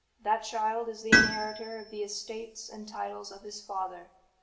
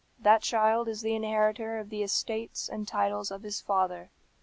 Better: second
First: background sound (Tools); 4 dB above the speech // room echo; dies away in 0.7 s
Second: none

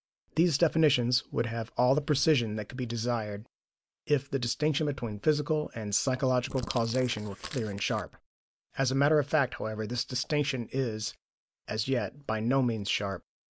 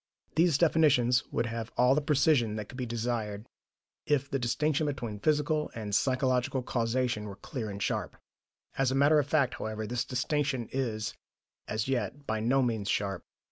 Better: second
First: noise reduction (neural mask model Resemble Enhance denoiser)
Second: none

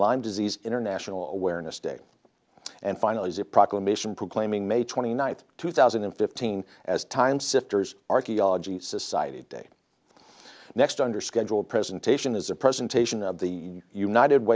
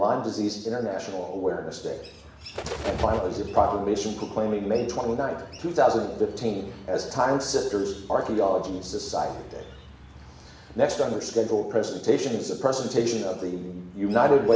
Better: first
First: none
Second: background sound (Bird); 16 dB below the speech // room echo; dies away in 0.9 s

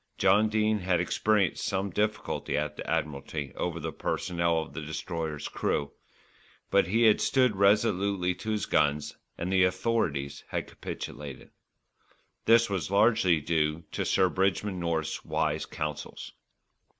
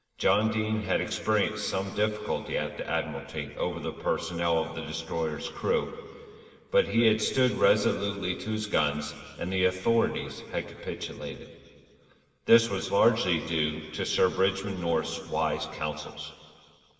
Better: first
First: none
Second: room echo; dies away in 2.3 s

